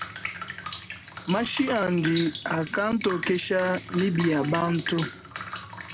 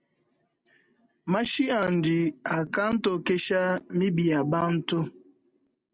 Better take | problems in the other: second | background sound (Drip); 10 dB below the speech

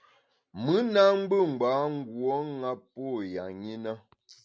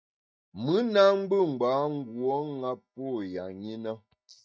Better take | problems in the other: first | noise reduction (neural mask model DeepFilterNet 3)

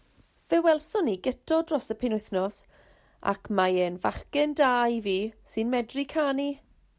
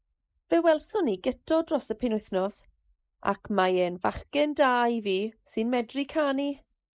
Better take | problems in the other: first | noise reduction (neural mask model Resemble Enhance denoiser)

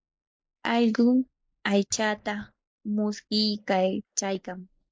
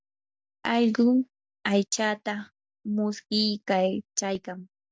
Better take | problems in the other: second | noise reduction (neural mask model Resemble Enhance denoiser)

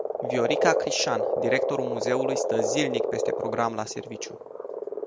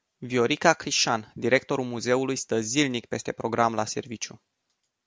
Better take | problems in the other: second | background sound (Frog); 2 dB above the speech

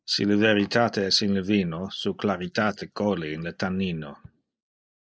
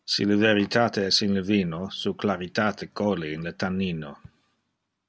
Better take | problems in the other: second | noise reduction (neural mask model Resemble Enhance denoiser)

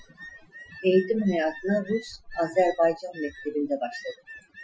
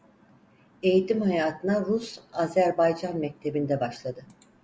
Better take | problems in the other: second | noise reduction (classical method Wiener filter)

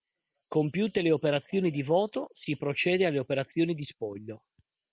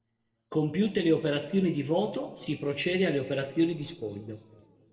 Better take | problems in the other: first | noise reduction (neural separator model SepFormer DNS4)

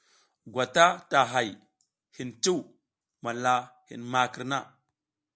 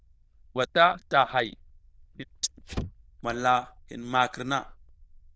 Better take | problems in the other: first | noise reduction (neural diffusion model UNIVERSE++)

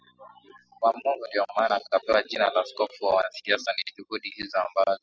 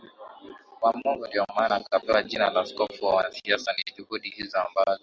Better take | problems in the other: second | noise reduction (classical method spectral subtraction)

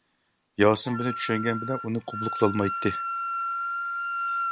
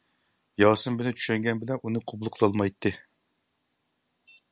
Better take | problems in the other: second | background sound (Wind instrument, woodwind instrument); 4 dB below the speech

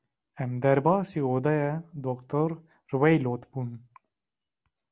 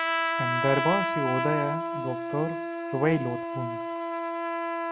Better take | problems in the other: first | background sound (Trumpet); 1 dB above the speech

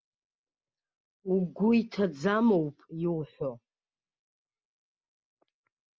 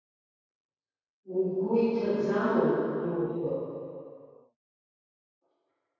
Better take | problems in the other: first | room echo; dies away in 2.2 s

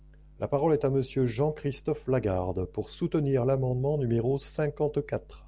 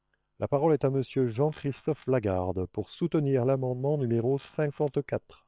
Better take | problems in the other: first | noise reduction (neural separator model SepFormer WHAM!)

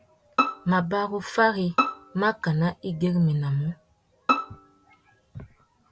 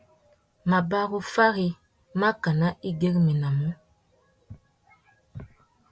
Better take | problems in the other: second | background sound (Bowed string instrument); 2 dB below the speech

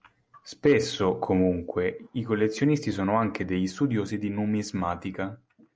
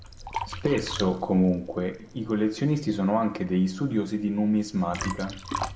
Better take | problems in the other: first | background sound (Liquid); 12 dB below the speech // room echo; dies away in 0.8 s

